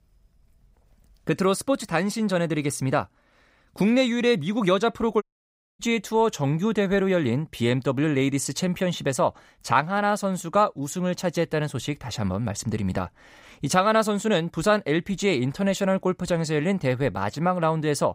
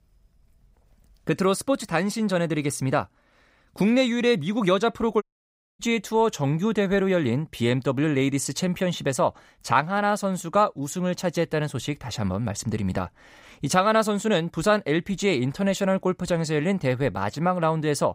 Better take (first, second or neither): neither